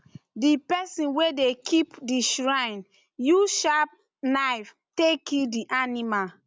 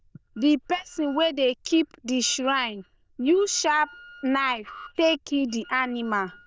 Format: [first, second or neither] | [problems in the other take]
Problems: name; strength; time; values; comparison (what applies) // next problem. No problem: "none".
first | noise reduction (neural diffusion model UNIVERSE++)